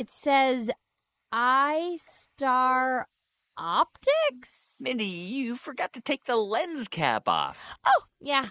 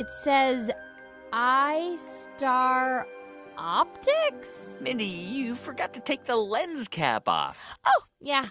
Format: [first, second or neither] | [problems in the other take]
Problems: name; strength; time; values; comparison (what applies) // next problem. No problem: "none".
second | noise reduction (neural mask model Resemble Enhance denoiser)